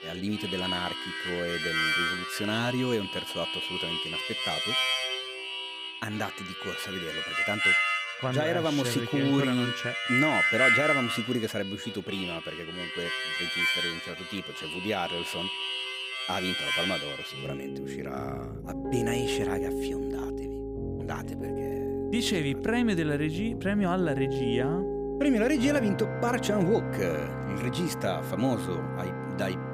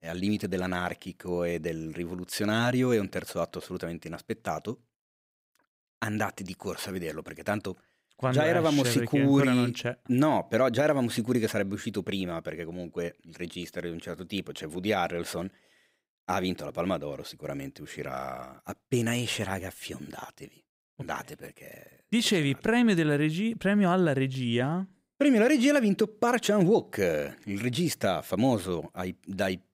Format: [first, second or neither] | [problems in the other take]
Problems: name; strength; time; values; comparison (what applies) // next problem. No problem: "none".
second | background music; very loud; throughout; 1 dB above the speech